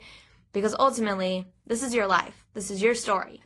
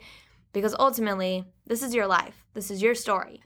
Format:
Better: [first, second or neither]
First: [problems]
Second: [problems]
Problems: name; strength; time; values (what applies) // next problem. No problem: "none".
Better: second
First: garbled, watery; slightly; nothing above 10.5 kHz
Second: none